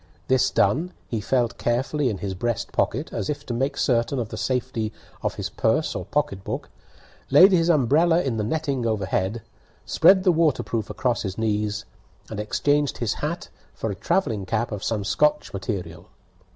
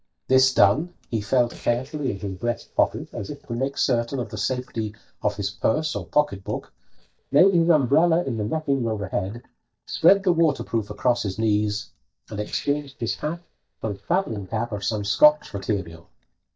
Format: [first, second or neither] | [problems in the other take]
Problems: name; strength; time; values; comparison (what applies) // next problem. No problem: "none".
first | noise reduction (neural mask model DeepFilterNet 3)